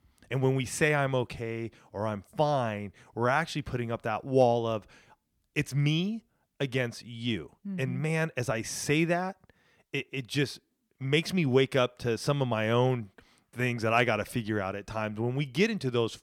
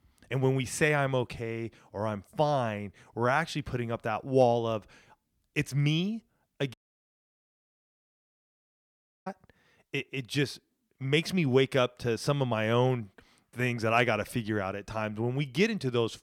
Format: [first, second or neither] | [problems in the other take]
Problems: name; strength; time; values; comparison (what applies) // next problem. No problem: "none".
first | audio cutting out; at 6.5 s for 2.5 s